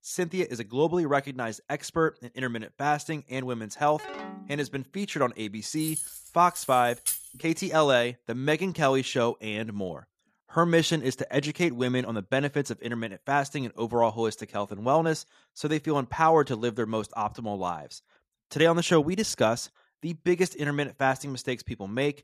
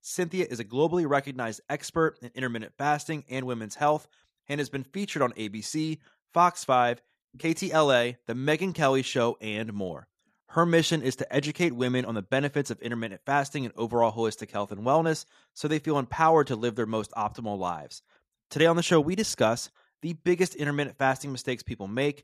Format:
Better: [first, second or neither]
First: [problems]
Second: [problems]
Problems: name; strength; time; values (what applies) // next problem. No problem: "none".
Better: second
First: phone ringing; faint; at 4 s; peak 10 dB below the speech // jangling keys; noticeable; from 6 to 7 s; peak 2 dB below the speech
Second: none